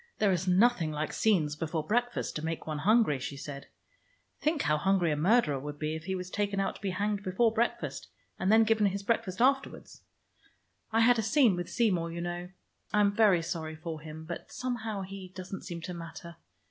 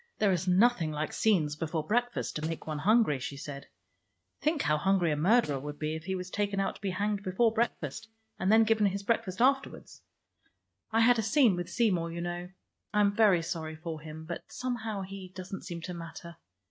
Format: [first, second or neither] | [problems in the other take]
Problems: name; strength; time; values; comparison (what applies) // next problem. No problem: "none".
first | noise reduction (neural mask model RNNoise)